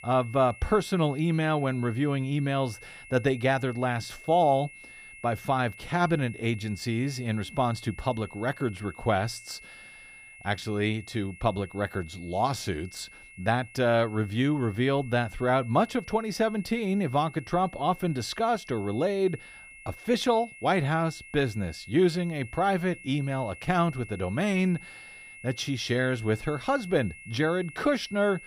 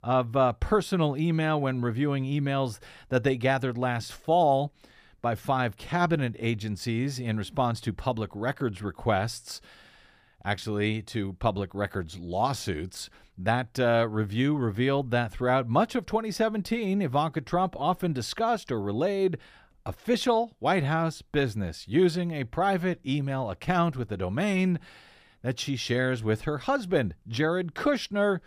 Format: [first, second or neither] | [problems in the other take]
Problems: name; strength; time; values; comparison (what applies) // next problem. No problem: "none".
second | high-pitched whine; noticeable; throughout; 2 kHz, 20 dB below the speech